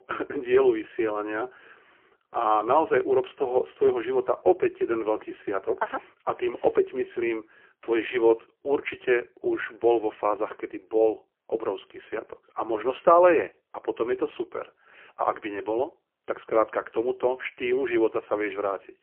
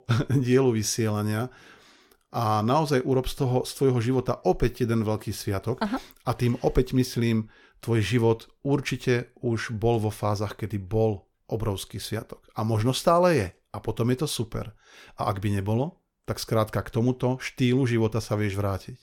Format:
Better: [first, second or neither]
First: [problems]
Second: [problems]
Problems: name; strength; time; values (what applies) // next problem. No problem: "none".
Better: second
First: phone-call audio; poor line; nothing above 3 kHz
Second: none